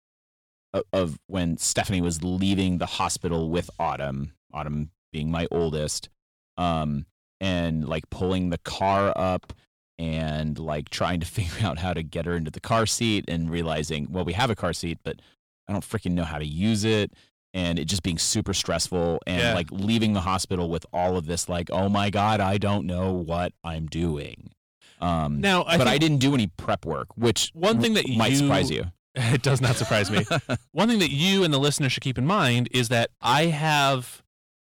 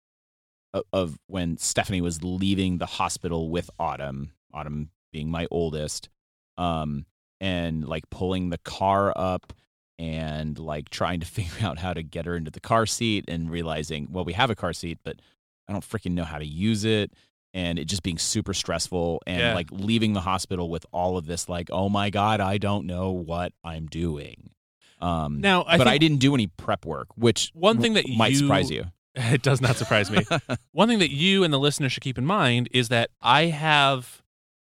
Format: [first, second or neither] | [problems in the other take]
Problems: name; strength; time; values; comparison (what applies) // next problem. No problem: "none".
second | distortion; slight; 10 dB below the speech